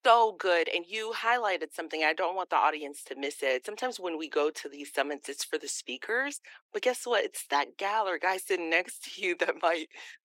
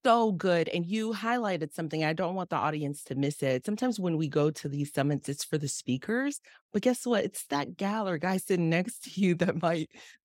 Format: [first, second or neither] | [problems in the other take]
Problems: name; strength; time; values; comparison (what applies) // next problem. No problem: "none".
second | thin; very; fading below 350 Hz